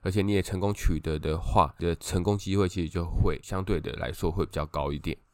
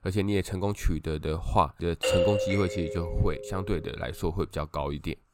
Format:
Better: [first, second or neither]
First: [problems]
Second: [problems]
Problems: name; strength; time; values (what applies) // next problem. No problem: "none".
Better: first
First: none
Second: doorbell; loud; from 2 to 3.5 s; peak 5 dB above the speech